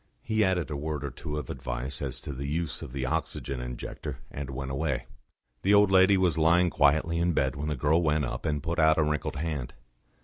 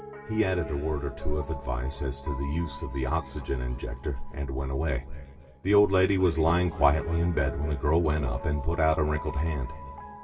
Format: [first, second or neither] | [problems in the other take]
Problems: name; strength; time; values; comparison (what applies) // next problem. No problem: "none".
first | background sound (Piano); 16 dB below the speech // room echo; dies away in 2.5 s